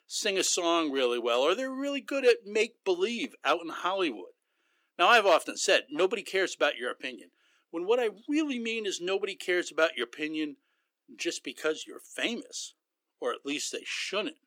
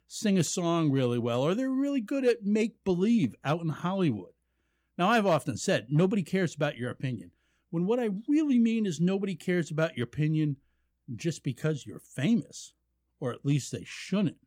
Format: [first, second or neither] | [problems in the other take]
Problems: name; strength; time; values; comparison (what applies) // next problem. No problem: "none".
second | thin; very; fading below 350 Hz